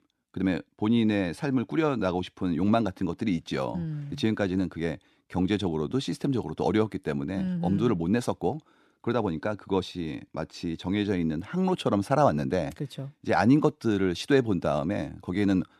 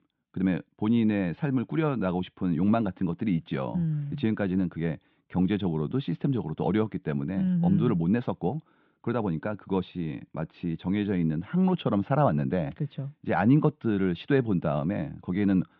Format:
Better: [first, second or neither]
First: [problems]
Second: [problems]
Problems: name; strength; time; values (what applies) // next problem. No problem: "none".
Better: first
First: none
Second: muffled; very; fading above 3.5 kHz